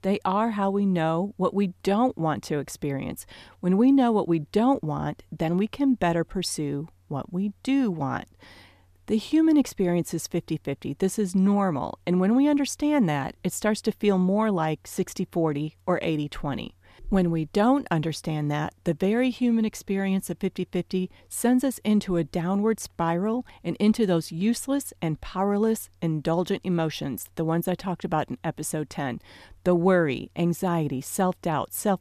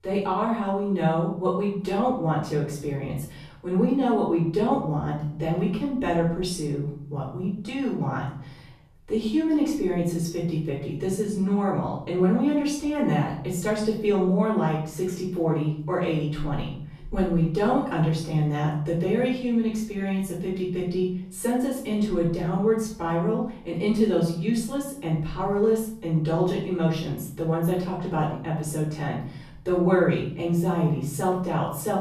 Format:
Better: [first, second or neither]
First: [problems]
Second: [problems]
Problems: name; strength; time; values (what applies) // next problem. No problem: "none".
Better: first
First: none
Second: off-mic speech; far // room echo; noticeable; dies away in 0.7 s